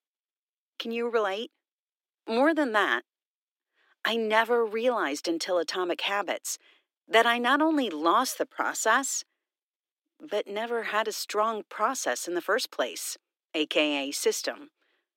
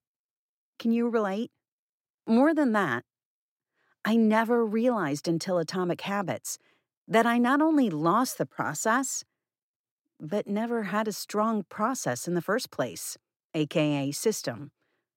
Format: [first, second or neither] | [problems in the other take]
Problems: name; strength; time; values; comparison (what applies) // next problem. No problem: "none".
second | thin; somewhat; fading below 300 Hz